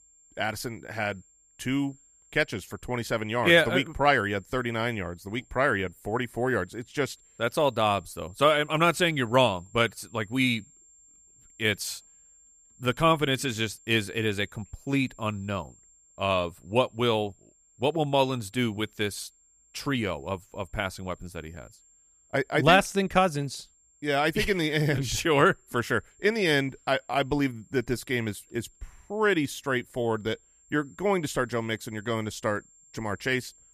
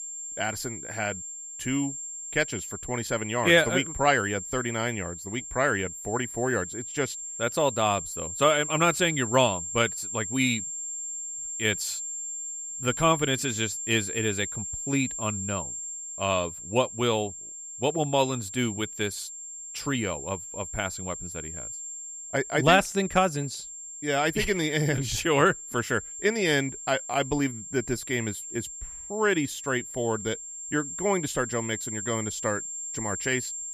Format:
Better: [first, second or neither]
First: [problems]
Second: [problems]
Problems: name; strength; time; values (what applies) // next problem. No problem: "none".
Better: first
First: high-pitched whine; faint; throughout; 7.5 kHz, 30 dB below the speech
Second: high-pitched whine; loud; throughout; 7.5 kHz, 7 dB below the speech